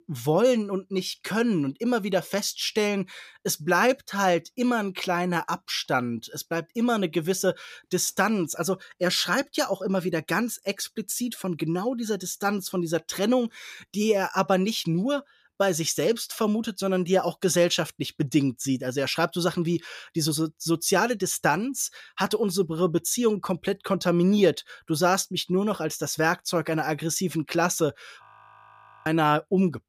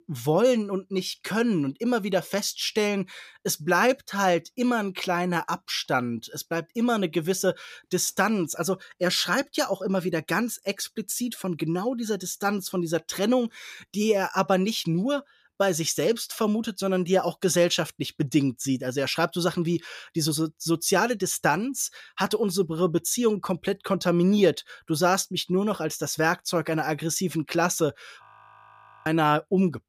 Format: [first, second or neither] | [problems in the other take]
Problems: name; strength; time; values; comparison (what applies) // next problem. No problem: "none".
neither | audio freezing; at 28 s for 1 s; the same in both